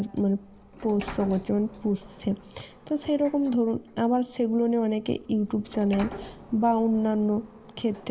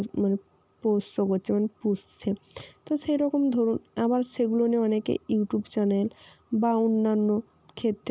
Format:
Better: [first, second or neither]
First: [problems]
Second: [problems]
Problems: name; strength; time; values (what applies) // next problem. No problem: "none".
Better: second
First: background sound (Sliding door); 18 dB below the speech // room echo; dies away in 0.8 s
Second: none